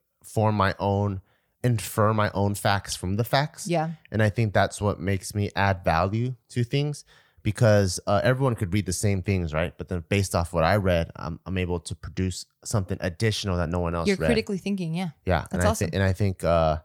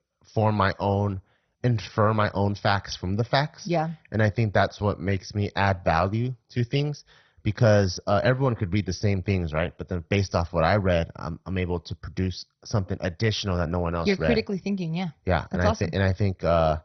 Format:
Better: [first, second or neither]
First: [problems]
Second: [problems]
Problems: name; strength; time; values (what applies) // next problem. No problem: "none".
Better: first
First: none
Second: garbled, watery; badly; nothing above 6 kHz